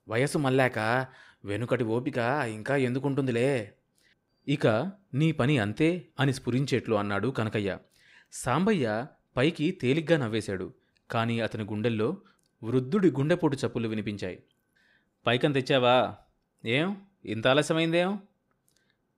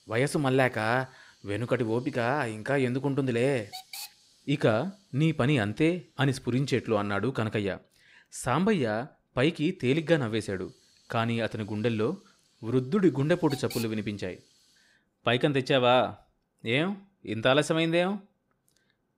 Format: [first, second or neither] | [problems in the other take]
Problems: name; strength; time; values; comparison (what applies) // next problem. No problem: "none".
first | hiss; noticeable; until 7.5 s and from 10 to 15 s; 20 dB below the speech